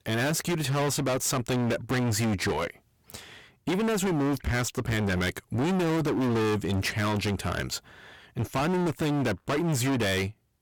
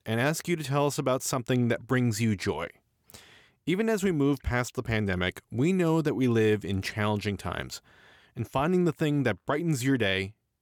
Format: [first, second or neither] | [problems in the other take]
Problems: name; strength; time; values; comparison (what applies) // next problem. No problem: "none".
second | distortion; heavy; 32% of the sound clipped